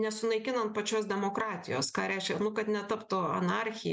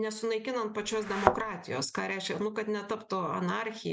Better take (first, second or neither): first